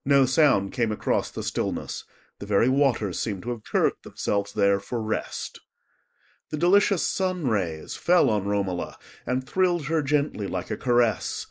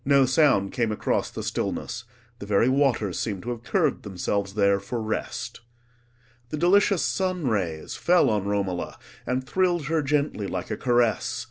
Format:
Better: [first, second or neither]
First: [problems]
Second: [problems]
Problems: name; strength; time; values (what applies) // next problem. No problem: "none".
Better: second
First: noise reduction (neural mask model Resemble Enhance denoiser)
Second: none